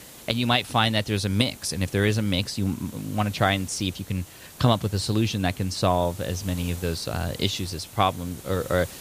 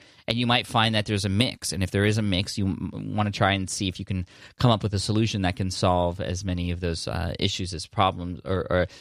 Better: second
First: hiss; noticeable; throughout; 15 dB below the speech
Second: none

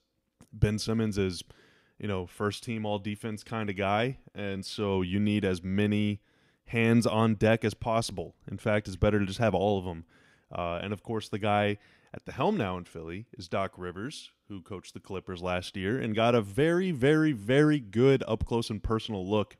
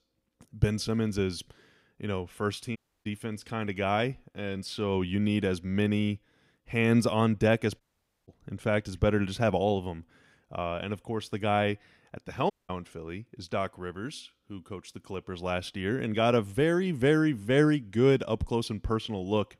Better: first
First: none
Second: audio cutting out; at 3 s, at 8 s and at 13 s

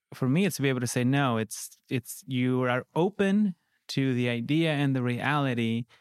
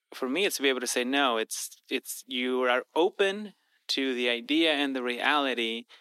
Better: first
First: none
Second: thin; somewhat; fading below 300 Hz

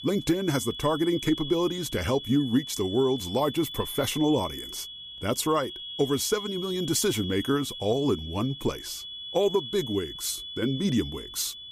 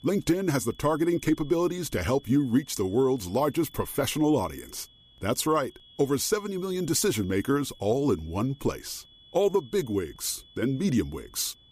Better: second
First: high-pitched whine; loud; throughout; 3.5 kHz, 9 dB below the speech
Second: high-pitched whine; faint; throughout; 3.5 kHz, 25 dB below the speech

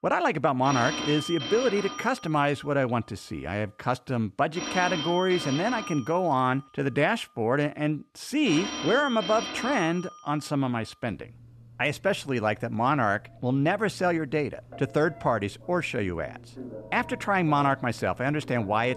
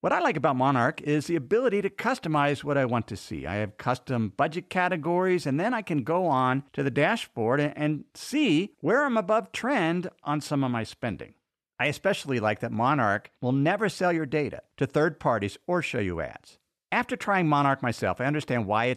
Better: second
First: alarms or sirens; loud; throughout; 9 dB below the speech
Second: none

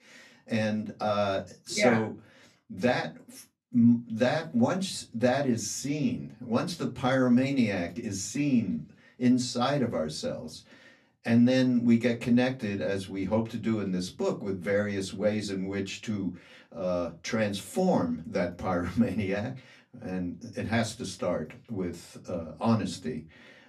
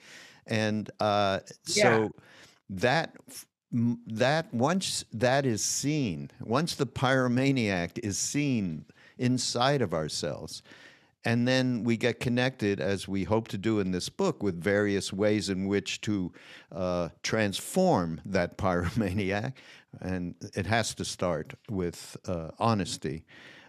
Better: second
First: off-mic speech; far // room echo; very slight; dies away in 0.2 s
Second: none

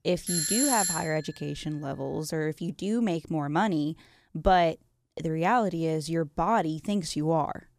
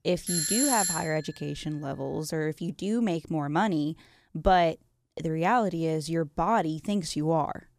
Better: neither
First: doorbell; loud; at 0.5 s; peak 4 dB above the speech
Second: doorbell; loud; at 0.5 s; peak 4 dB above the speech

